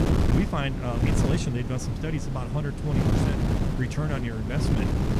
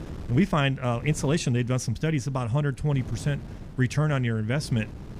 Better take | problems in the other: second | wind noise on the microphone; heavy; as loud as the speech; occasional gusts in the second

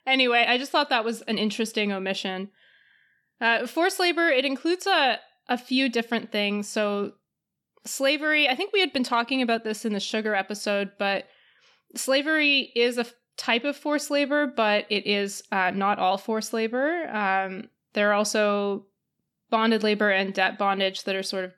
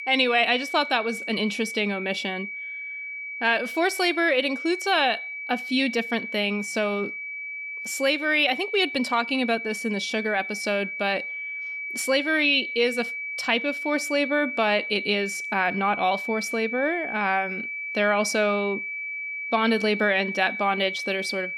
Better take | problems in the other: first | high-pitched whine; loud; throughout; 2.5 kHz, 6 dB below the speech

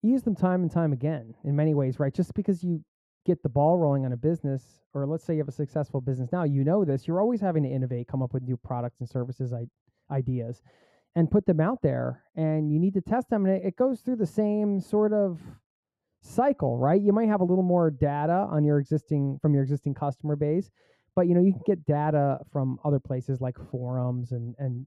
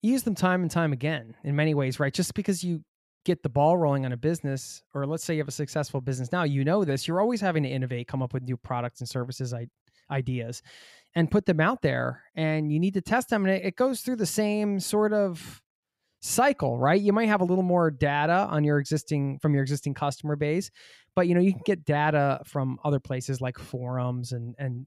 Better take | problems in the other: second | muffled; very; fading above 1.5 kHz

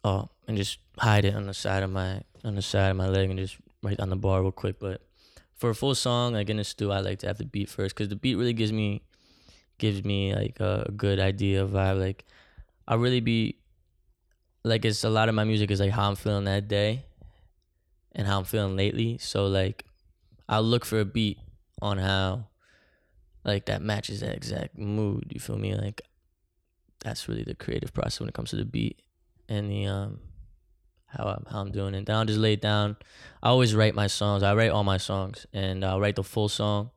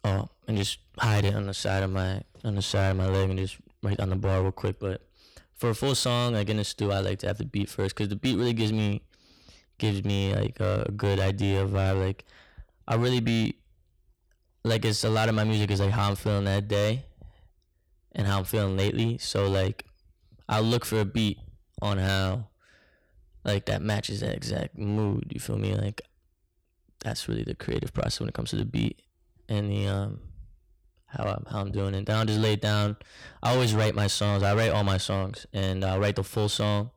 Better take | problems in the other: first | distortion; slight; 8% of the sound clipped

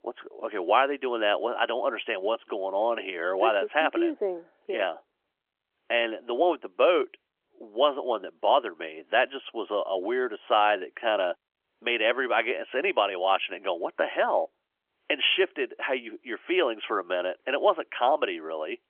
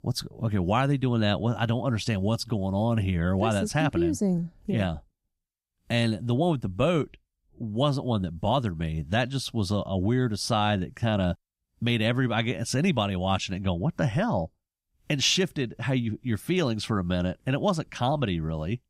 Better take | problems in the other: second | phone-call audio; nothing above 3.5 kHz

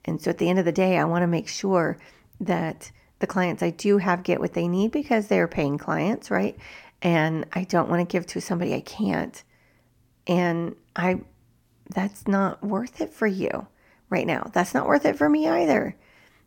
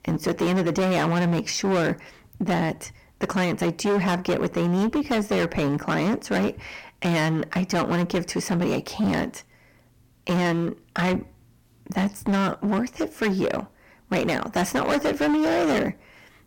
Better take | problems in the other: first | distortion; heavy; 18% of the sound clipped

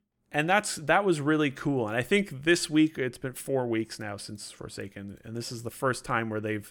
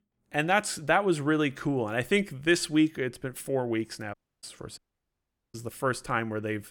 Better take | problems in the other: first | audio cutting out; at 4 s and at 5 s for 1 s

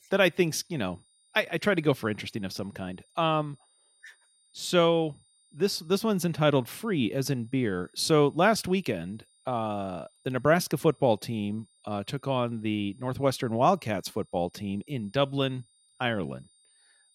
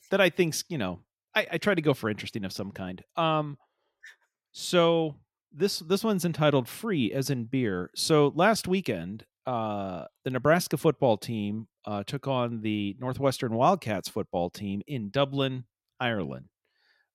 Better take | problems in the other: second | high-pitched whine; faint; throughout; 9 kHz, 35 dB below the speech

